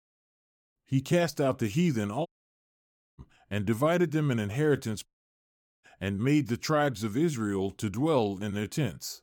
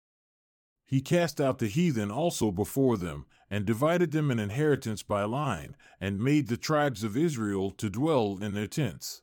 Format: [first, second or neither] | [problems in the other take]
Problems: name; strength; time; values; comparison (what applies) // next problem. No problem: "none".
second | audio cutting out; at 2.5 s for 1 s and at 5 s for 1 s